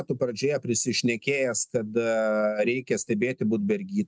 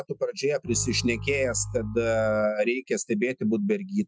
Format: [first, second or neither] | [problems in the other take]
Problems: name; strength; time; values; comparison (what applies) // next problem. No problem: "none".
first | noise reduction (classical method Wiener filter)